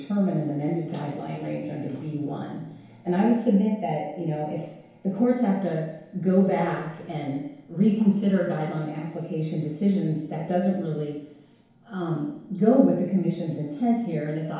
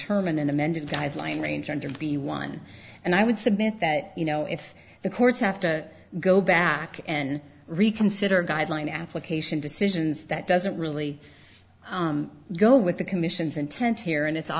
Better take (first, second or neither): second